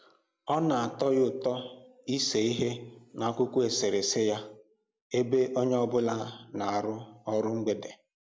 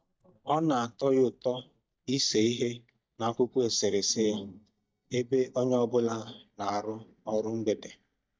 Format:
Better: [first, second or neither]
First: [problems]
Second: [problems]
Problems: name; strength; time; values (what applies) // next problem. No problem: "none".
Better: first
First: none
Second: noise reduction (neural mask model DeepFilterNet 3)